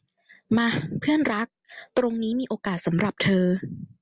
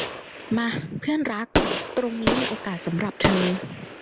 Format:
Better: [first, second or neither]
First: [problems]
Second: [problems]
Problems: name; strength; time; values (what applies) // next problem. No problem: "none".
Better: first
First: none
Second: background sound (Gunshot, gunfire); 1 dB below the speech